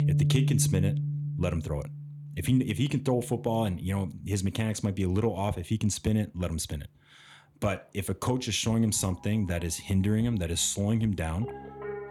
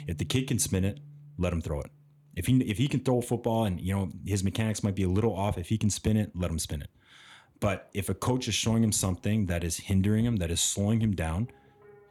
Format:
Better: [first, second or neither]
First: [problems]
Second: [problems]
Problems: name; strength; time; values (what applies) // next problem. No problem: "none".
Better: second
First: background music; loud; throughout; 4 dB below the speech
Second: background music; faint; throughout; 20 dB below the speech